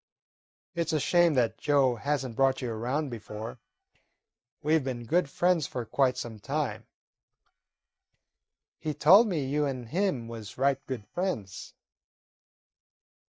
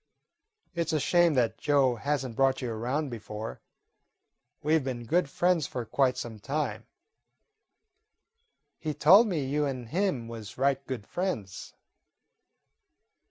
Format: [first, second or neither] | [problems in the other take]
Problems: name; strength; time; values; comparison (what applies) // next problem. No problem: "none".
second | noise reduction (neural mask model DeepFilterNet 3)